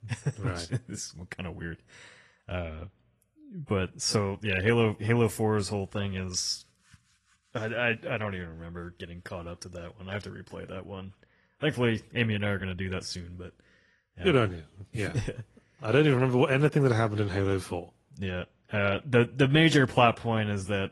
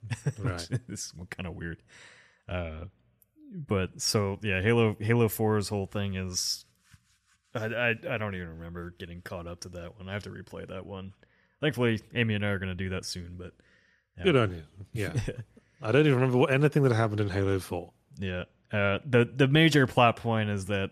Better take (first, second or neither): second